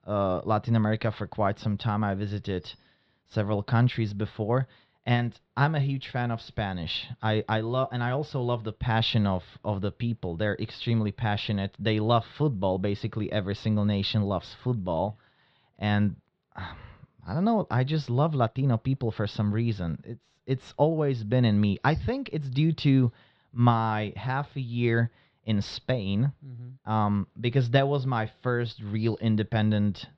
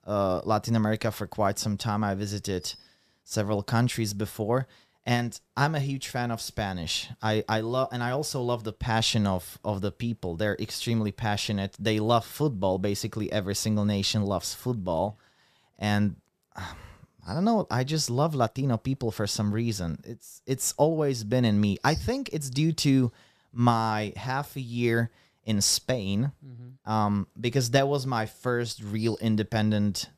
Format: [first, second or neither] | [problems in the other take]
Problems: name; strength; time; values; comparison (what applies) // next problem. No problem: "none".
second | muffled; slightly; fading above 4 kHz